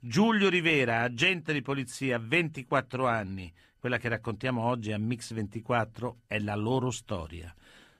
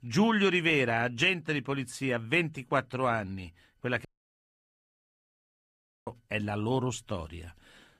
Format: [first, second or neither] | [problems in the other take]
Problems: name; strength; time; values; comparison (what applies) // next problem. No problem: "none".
first | audio cutting out; at 4 s for 2 s